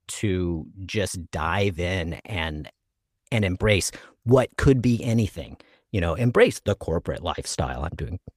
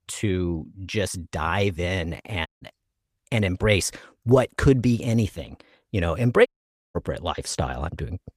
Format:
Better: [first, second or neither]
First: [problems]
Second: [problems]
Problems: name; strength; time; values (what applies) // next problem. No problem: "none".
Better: first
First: none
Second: audio cutting out; at 2.5 s and at 6.5 s